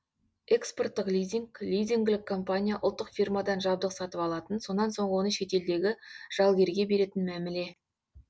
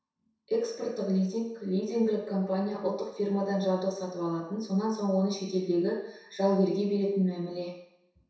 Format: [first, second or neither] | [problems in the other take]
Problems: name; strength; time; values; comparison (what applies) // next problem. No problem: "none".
first | room echo; dies away in 0.7 s